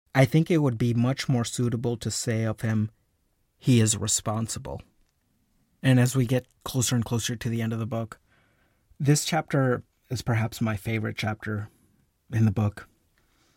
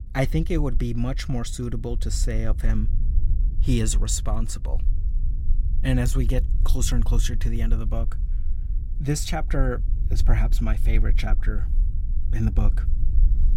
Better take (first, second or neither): first